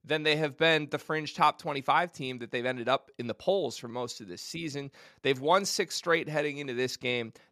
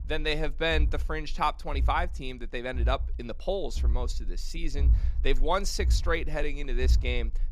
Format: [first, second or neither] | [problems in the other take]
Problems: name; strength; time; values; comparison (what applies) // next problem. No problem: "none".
first | low rumble; faint; throughout; 20 dB below the speech